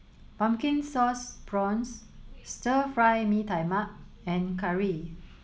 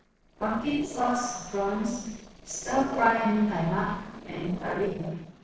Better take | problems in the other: first | noise reduction (neural separator model SepFormer DNS4)

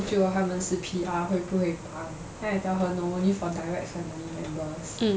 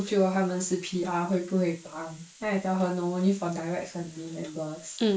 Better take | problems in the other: first | noise reduction (neural mask model Resemble Enhance denoiser)

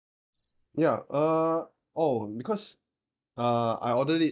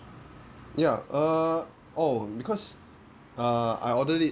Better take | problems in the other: second | noise reduction (neural mask model DeepFilterNet 3)

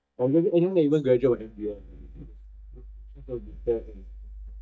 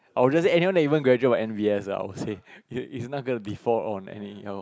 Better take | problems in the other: second | noise reduction (neural mask model DeepFilterNet 3)

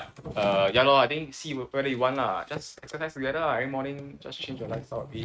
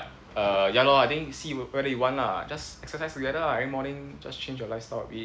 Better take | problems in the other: second | noise reduction (neural mask model RNNoise)

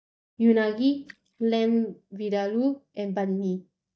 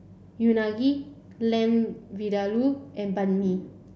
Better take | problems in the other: second | noise reduction (neural mask model DeepFilterNet 3)

